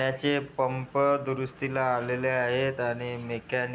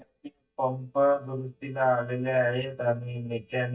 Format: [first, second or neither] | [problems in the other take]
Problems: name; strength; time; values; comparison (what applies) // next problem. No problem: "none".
first | noise reduction (neural mask model DeepFilterNet 3)